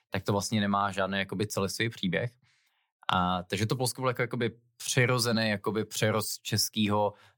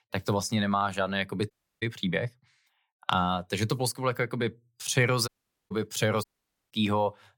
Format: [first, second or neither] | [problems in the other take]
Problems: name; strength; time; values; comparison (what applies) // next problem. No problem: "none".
first | audio cutting out; at 1.5 s, at 5.5 s and at 6 s